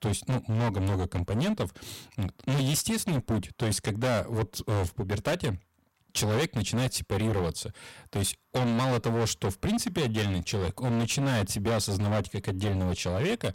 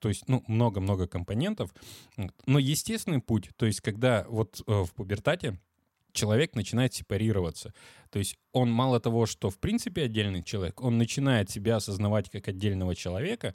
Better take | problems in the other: second | distortion; heavy; 23% of the sound clipped

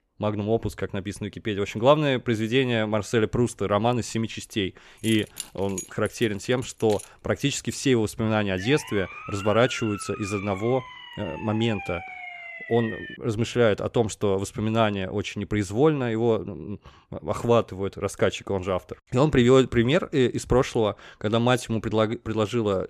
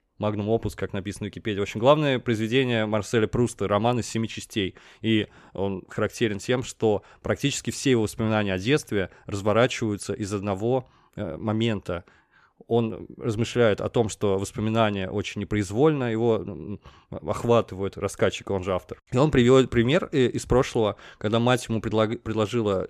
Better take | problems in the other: second | jangling keys; faint; from 5 to 7 s; peak 10 dB below the speech // siren; faint; from 8.5 to 13 s; peak 10 dB below the speech

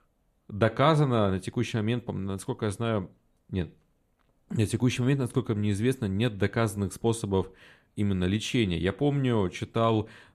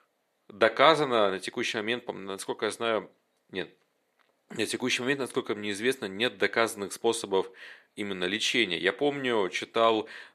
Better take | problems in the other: first | thin; somewhat; fading below 450 Hz

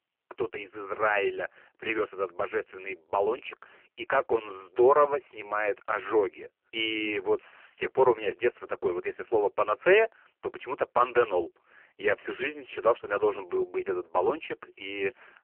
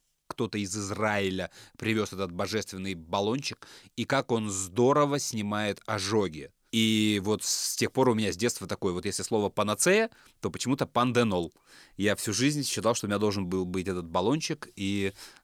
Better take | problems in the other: second | phone-call audio; poor line; nothing above 3 kHz

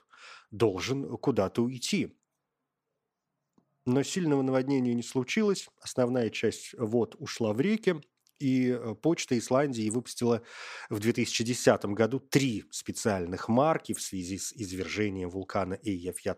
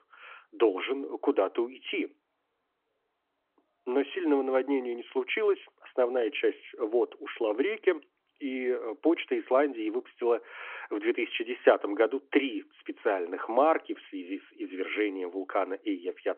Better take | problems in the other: first | phone-call audio

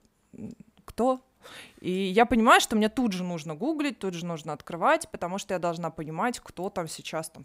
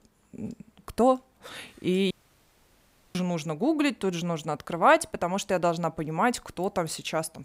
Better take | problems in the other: first | audio cutting out; at 2 s for 1 s

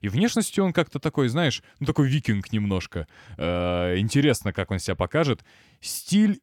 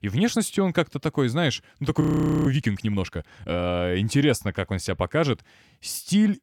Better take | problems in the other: first | audio freezing; at 2 s

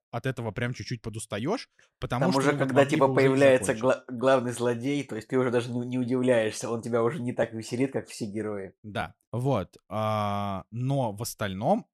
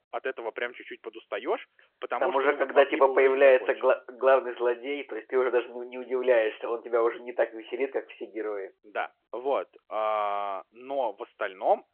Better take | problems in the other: first | phone-call audio

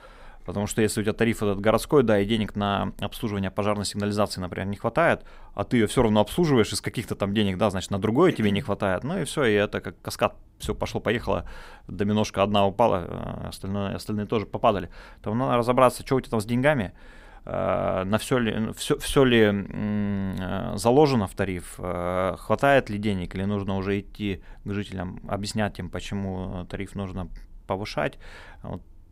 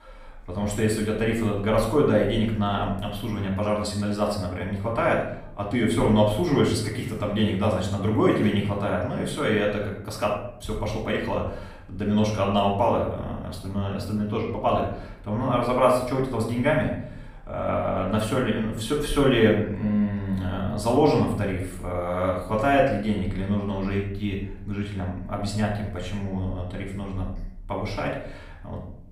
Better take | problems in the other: first | off-mic speech; far // room echo; noticeable; dies away in 0.6 s

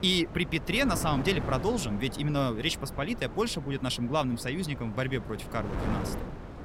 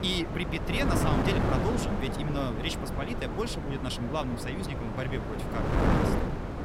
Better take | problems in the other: first | wind noise on the microphone; heavy; 1 dB above the speech; occasional gusts in the first

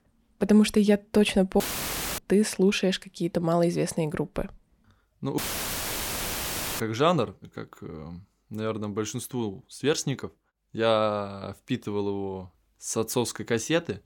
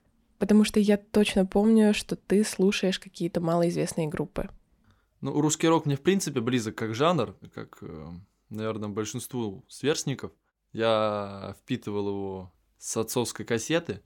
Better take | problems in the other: second | audio cutting out; filled with static; at 1.5 s for 0.5 s and at 5.5 s for 1.5 s

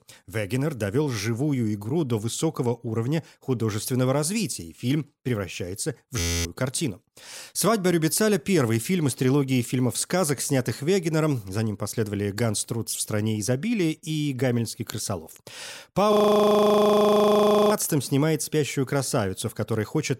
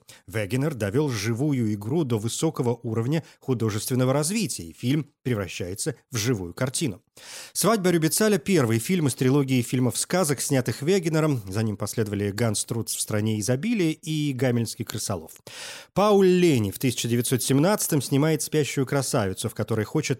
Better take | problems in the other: second | audio freezing; at 6 s and at 16 s for 1.5 s

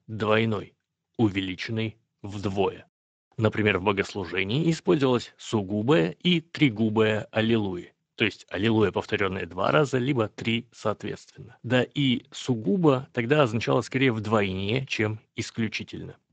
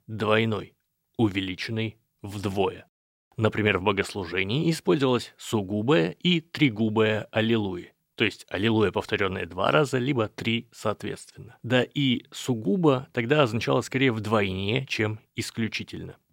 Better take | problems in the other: second | garbled, watery; slightly; nothing above 7.5 kHz

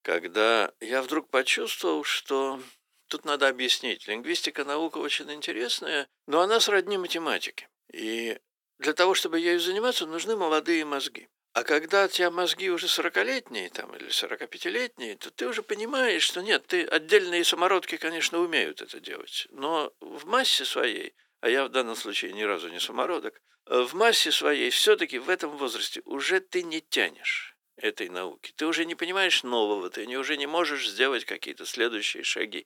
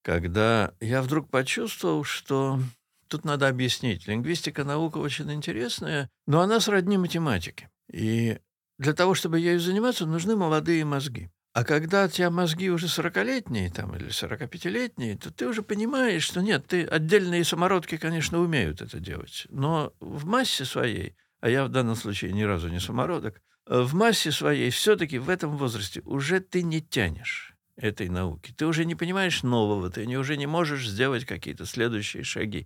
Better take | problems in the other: second | thin; very; fading below 300 Hz

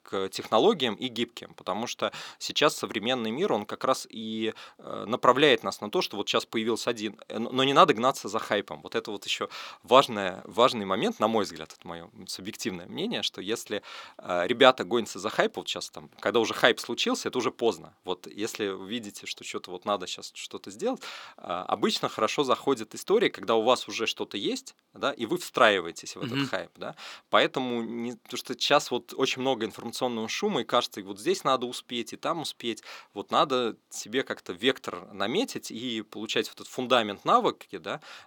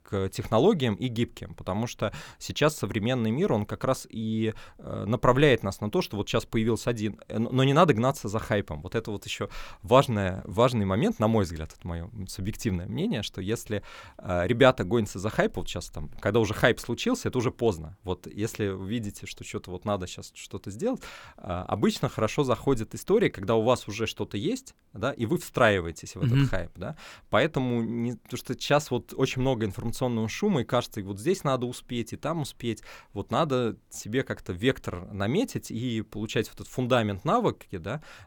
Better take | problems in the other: second | thin; somewhat; fading below 300 Hz

